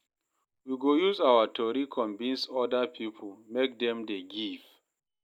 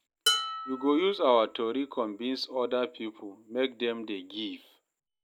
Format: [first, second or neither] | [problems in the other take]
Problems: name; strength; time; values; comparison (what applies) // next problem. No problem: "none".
first | background sound (Dishes, pots, and pans); 6 dB below the speech